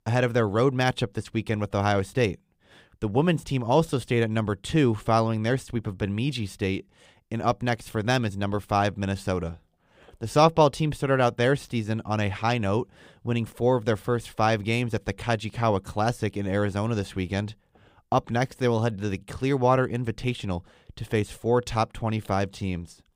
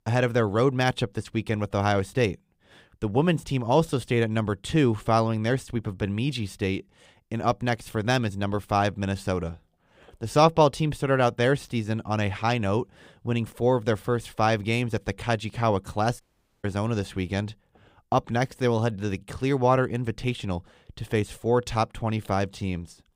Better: first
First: none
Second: audio cutting out; at 16 s

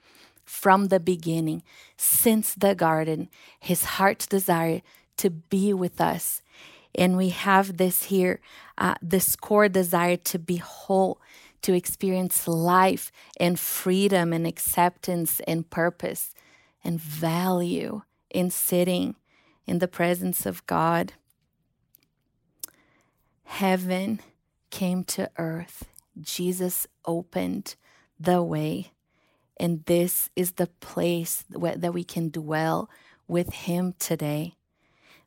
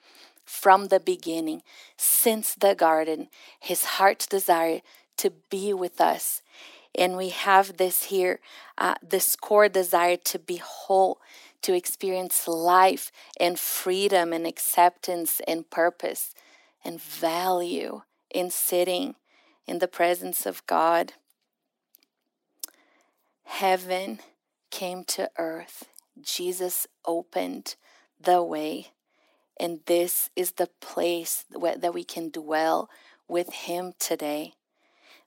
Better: first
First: none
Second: thin; very; fading below 250 Hz

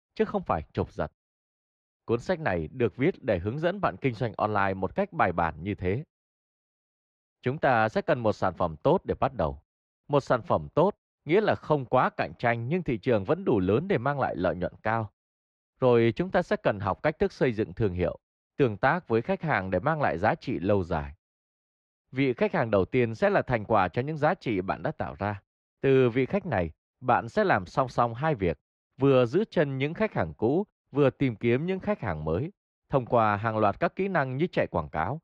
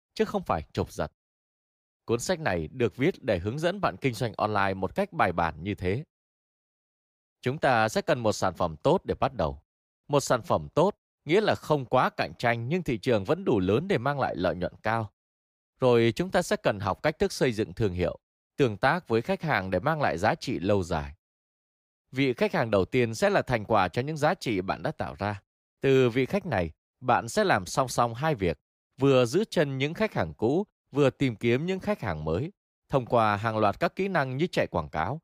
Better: second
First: muffled; slightly; fading above 2.5 kHz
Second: none

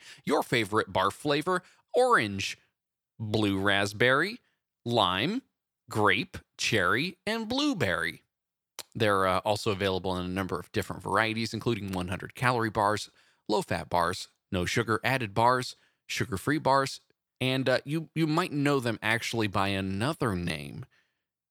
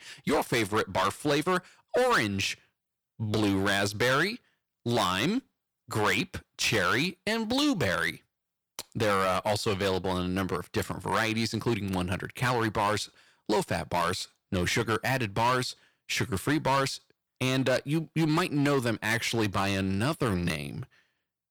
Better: first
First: none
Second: distortion; heavy; 10% of the sound clipped

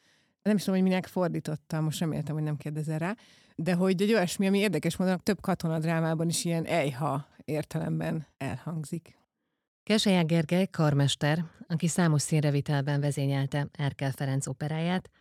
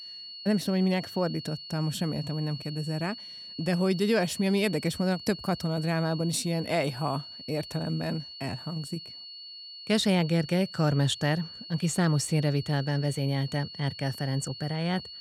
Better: first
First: none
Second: high-pitched whine; noticeable; throughout; 4.5 kHz, 10 dB below the speech

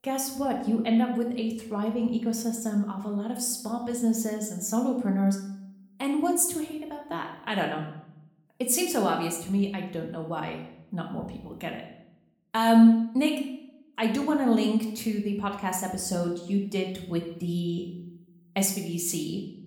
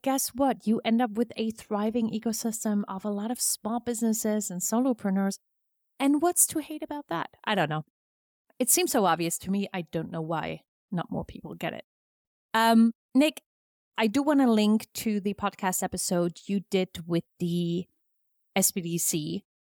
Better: second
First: room echo; slight; dies away in 0.7 s // off-mic speech; somewhat distant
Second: none

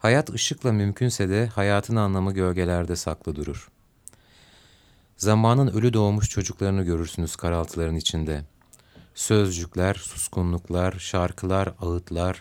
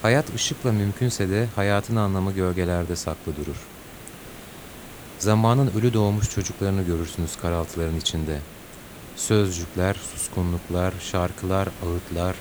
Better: first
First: none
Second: hiss; noticeable; throughout; 15 dB below the speech

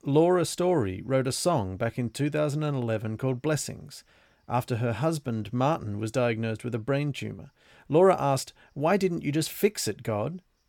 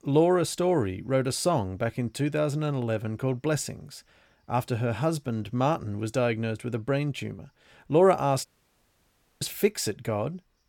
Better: first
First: none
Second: audio cutting out; at 8.5 s for 1 s

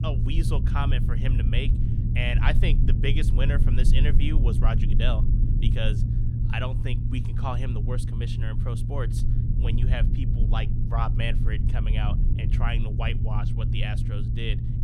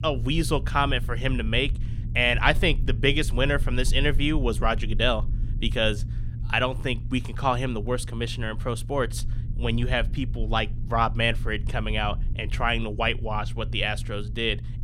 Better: second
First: low rumble; loud; throughout; 5 dB below the speech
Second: low rumble; faint; throughout; 20 dB below the speech

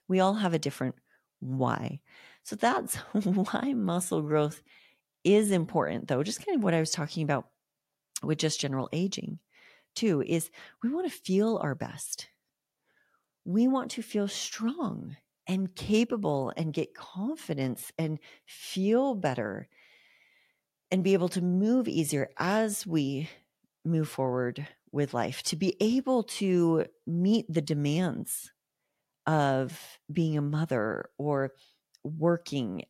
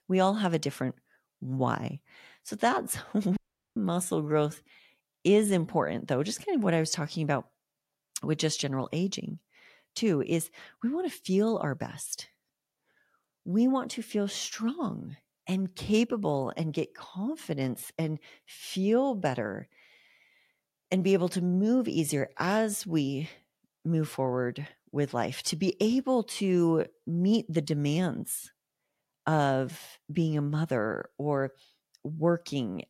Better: first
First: none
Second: audio cutting out; at 3.5 s

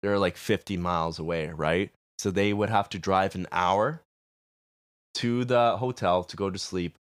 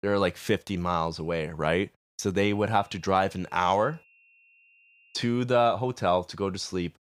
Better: first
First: none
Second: high-pitched whine; faint; from 2.5 to 5 s; 2.5 kHz, 30 dB below the speech

